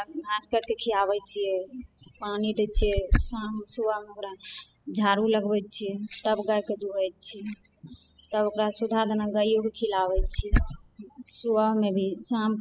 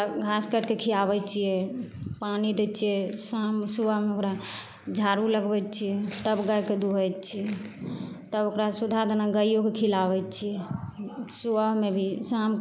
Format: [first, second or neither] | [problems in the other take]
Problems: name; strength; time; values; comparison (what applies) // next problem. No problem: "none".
second | noise reduction (classical method spectral subtraction)